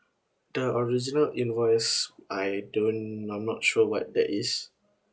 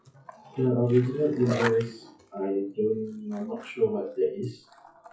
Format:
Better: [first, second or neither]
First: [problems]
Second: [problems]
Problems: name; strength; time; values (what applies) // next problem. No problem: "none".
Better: first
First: none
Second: noise reduction (classical method WPE with log-MMSE)